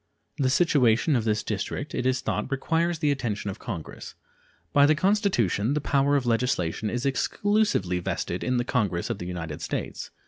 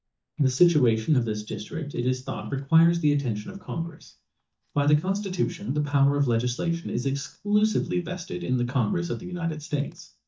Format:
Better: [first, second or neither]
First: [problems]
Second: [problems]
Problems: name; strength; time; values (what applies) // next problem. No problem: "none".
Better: first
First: none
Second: noise reduction (neural mask model DeepFilterNet 3)